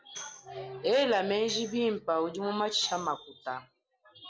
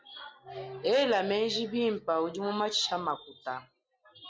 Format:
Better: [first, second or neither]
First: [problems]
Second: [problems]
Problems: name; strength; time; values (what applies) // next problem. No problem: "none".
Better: second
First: background sound (Tambourine); 20 dB below the speech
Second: none